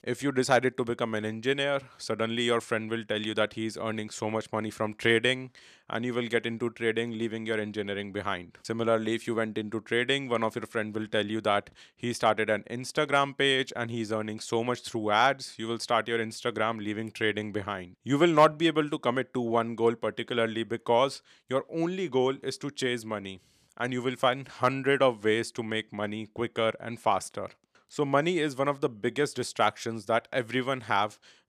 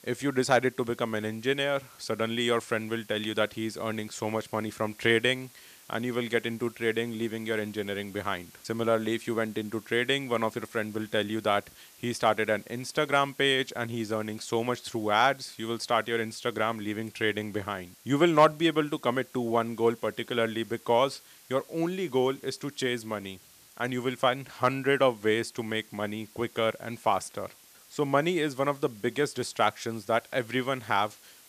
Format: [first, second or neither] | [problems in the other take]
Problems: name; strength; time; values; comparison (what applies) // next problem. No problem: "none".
first | hiss; faint; throughout; 25 dB below the speech